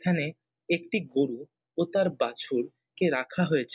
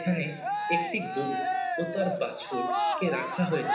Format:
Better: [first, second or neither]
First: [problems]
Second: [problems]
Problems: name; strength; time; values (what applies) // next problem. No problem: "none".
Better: first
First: none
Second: background sound (Cheering); as loud as the speech // room echo; dies away in 0.9 s